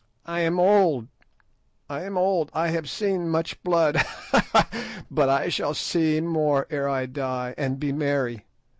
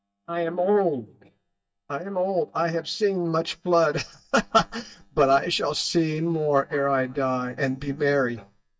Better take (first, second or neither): first